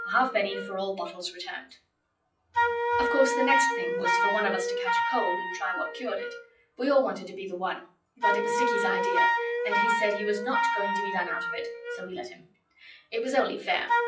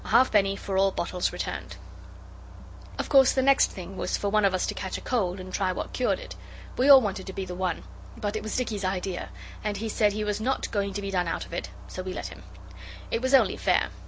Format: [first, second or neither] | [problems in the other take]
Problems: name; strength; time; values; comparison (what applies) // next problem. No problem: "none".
second | noise reduction (classical method WPE with log-MMSE)